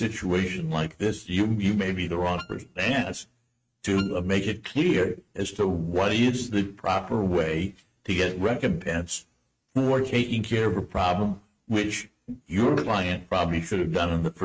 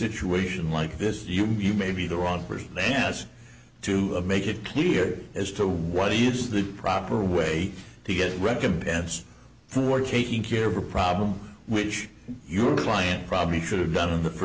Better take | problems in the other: second | noise reduction (neural mask model RNNoise)

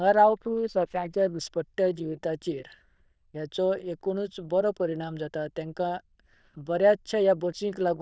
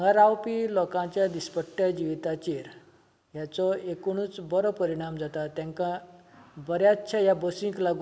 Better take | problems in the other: second | noise reduction (neural diffusion model UNIVERSE++)

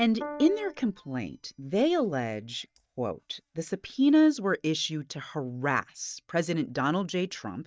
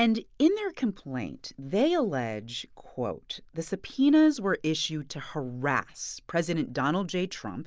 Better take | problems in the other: second | noise reduction (neural mask model DeepFilterNet 3)

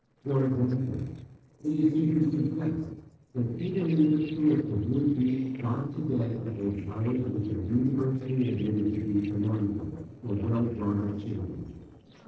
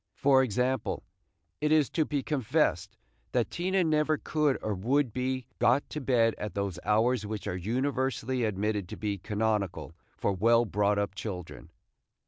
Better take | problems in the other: second | noise reduction (neural separator model SepFormer DNS4)

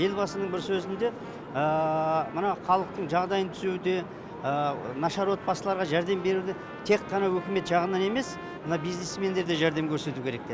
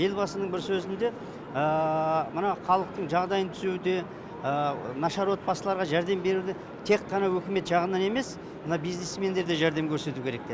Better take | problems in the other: second | background sound (Trumpet); 19 dB below the speech

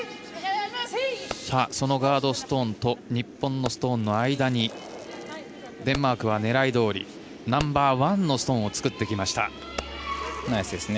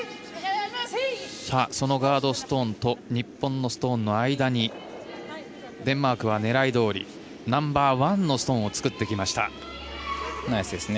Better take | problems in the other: second | background sound (Fireworks); 18 dB below the speech

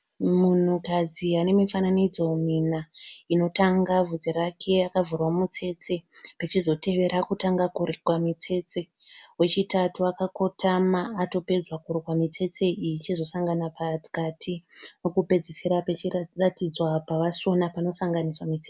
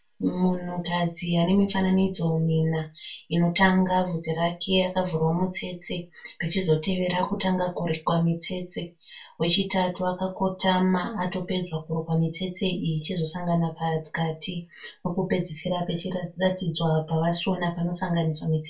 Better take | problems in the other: first | room echo; dies away in 0.2 s

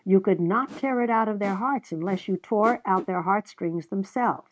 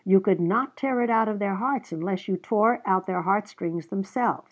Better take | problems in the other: second | noise reduction (neural mask model RNNoise)

